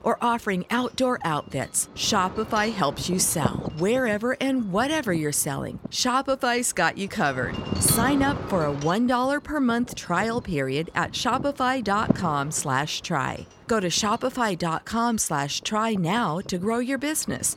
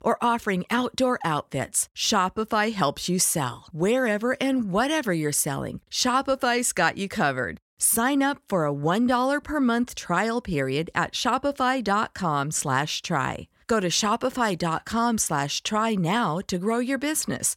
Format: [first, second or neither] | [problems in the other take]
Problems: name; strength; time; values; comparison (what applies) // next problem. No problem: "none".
second | wind noise on the microphone; occasional gusts; 10 dB below the speech